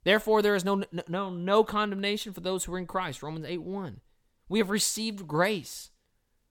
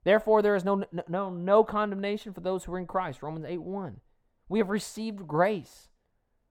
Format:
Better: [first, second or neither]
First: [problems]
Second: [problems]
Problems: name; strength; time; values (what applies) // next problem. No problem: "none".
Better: first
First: none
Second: muffled; very; fading above 2.5 kHz